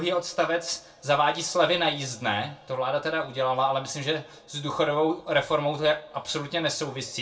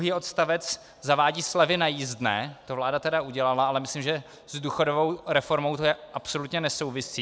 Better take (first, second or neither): second